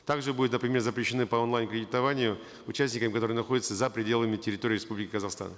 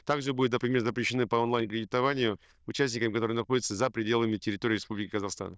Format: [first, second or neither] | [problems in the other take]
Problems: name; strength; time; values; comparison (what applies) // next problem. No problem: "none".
first | noise reduction (neural diffusion model UNIVERSE++)